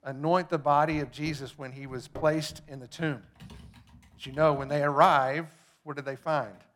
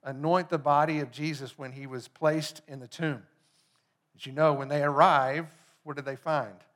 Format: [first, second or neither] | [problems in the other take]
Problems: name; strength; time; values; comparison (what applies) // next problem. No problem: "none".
second | household noises; faint; throughout; 25 dB below the speech